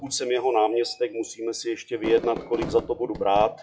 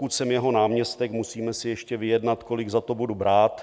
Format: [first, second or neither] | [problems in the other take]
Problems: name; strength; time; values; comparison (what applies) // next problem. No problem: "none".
second | noise reduction (classical method WPE with log-MMSE)